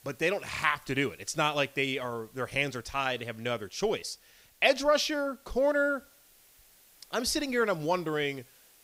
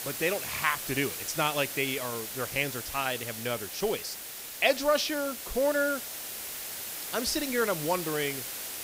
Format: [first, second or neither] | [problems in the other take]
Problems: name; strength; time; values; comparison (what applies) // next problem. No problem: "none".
first | hiss; loud; throughout; 6 dB below the speech; faint in the first